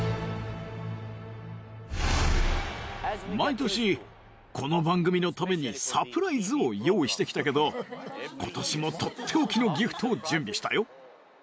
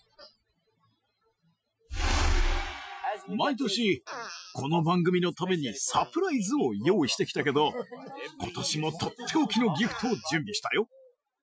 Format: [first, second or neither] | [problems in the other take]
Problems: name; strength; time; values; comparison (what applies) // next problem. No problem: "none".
first | noise reduction (classical method Wiener filter)